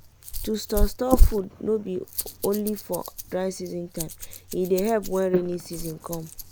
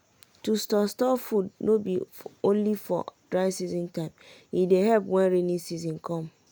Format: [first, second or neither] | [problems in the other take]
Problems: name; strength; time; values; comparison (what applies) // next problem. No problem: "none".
second | noise reduction (neural mask model Resemble Enhance denoiser)